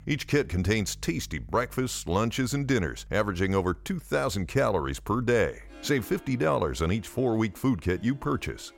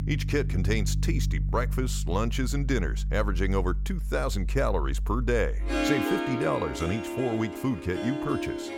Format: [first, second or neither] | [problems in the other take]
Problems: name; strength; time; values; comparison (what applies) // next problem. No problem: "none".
first | background music; loud; throughout; 1 dB below the speech; faint in the first